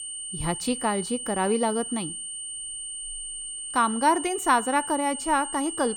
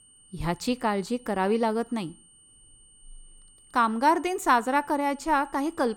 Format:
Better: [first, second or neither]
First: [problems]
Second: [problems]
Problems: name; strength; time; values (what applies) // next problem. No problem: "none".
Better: second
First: high-pitched whine; loud; throughout; 9 kHz, 6 dB below the speech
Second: high-pitched whine; faint; throughout; 9 kHz, 25 dB below the speech